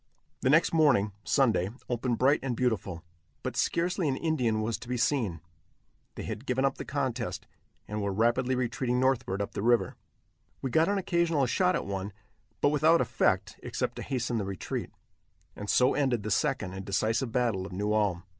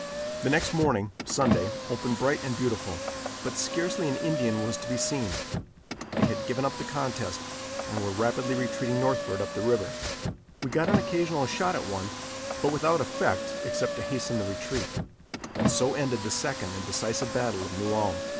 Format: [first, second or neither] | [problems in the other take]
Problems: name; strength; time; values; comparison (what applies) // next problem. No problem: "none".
first | background sound (Car); 3 dB below the speech